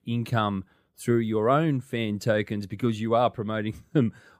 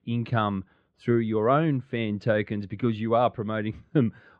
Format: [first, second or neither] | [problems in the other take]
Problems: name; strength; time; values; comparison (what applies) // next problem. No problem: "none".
first | muffled; slightly; fading above 3.5 kHz